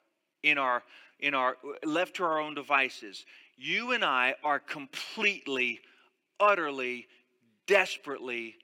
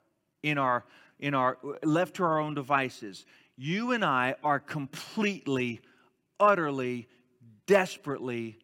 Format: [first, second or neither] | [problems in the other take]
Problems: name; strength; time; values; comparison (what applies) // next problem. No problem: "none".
second | thin; somewhat; fading below 350 Hz